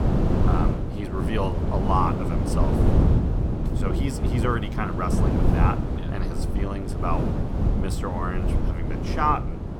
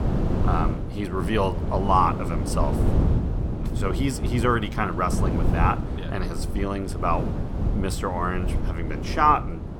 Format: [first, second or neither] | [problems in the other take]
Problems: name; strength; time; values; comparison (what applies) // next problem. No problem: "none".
second | wind noise on the microphone; heavy; 4 dB below the speech; occasional gusts in the second